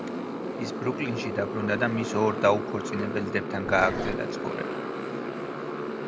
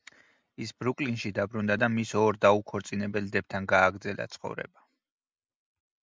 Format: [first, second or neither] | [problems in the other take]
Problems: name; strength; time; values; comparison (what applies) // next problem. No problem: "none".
second | background sound (Motorcycle + Growling); 2 dB below the speech